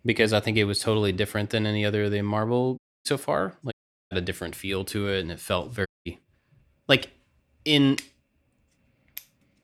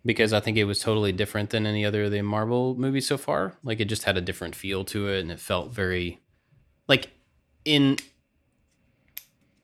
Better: second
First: audio cutting out; at 3 s, at 3.5 s and at 6 s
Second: none

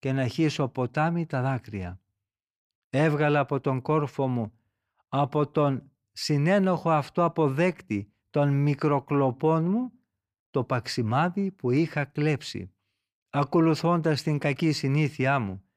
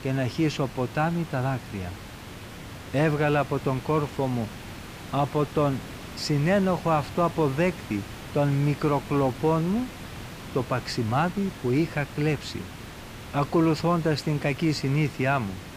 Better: first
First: none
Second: hiss; noticeable; throughout; 15 dB below the speech

